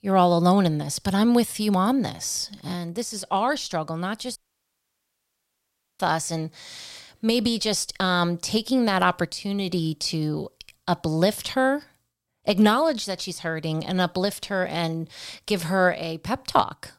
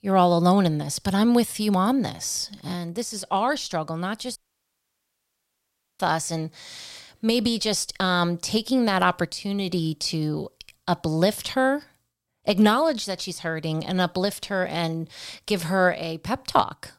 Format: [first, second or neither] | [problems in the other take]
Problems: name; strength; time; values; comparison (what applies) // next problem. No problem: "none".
neither | audio cutting out; at 4.5 s for 1.5 s; the same in both